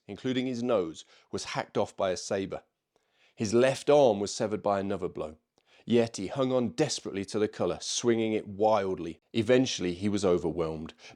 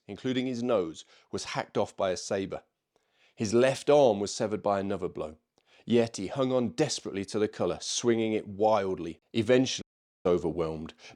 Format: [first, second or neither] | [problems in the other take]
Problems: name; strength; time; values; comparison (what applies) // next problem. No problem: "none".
first | audio cutting out; at 10 s